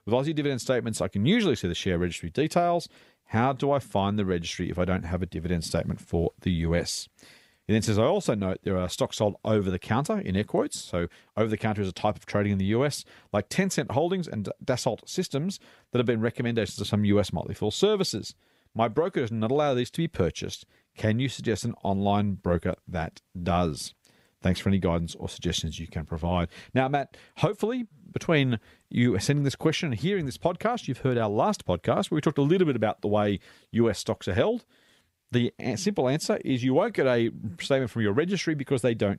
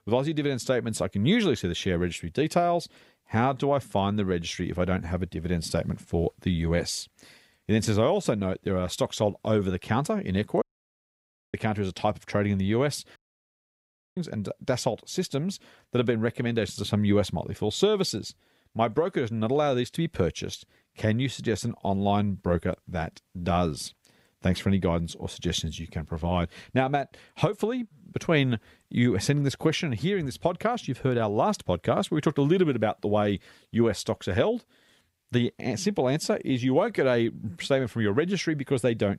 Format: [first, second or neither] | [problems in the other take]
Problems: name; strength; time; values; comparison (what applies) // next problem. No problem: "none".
first | audio cutting out; at 11 s for 1 s and at 13 s for 1 s